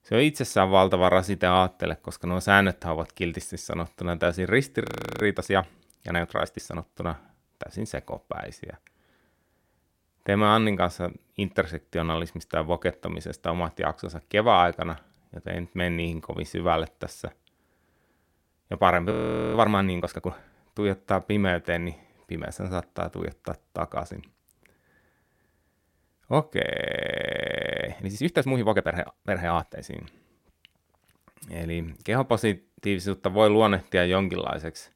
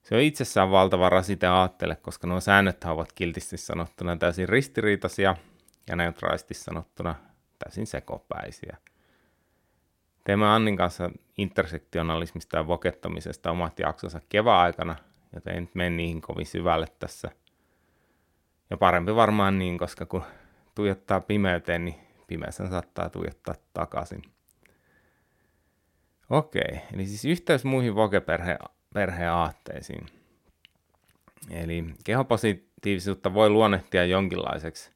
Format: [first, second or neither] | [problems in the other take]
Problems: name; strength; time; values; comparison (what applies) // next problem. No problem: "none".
second | audio freezing; at 5 s, at 19 s and at 27 s for 1 s